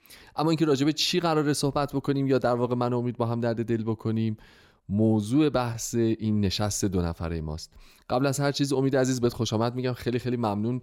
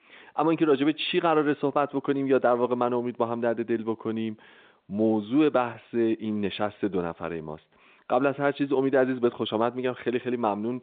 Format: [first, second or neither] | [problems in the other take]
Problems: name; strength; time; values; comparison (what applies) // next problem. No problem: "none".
first | phone-call audio; nothing above 3.5 kHz